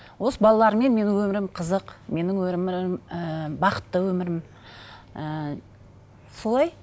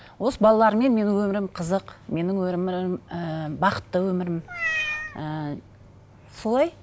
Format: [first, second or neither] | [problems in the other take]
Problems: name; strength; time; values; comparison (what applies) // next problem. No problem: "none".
first | background sound (Meow); 5 dB below the speech